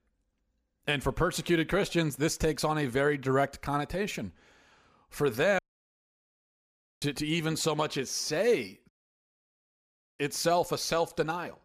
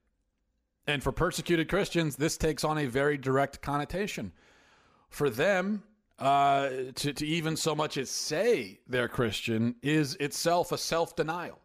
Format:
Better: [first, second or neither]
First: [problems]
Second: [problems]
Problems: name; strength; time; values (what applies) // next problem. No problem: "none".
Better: second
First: audio cutting out; at 5.5 s for 1.5 s and at 9 s for 1.5 s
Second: none